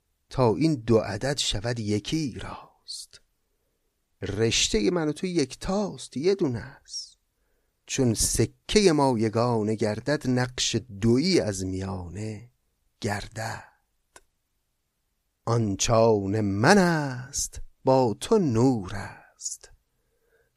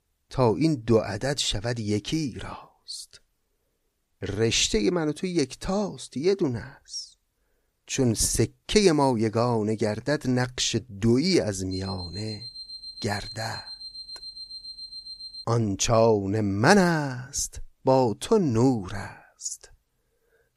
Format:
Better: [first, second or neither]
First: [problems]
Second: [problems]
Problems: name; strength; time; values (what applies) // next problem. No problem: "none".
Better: first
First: none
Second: alarm; faint; from 12 to 15 s; peak 10 dB below the speech